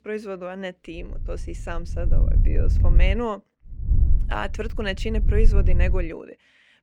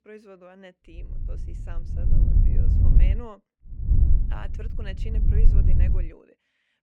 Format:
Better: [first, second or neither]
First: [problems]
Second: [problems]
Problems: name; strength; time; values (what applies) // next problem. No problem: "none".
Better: first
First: wind noise on the microphone; occasional gusts; from 1 to 3 s and from 4 to 6 s; 10 dB below the speech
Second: wind noise on the microphone; heavy; from 1 to 3 s and from 4 to 6 s; 3 dB above the speech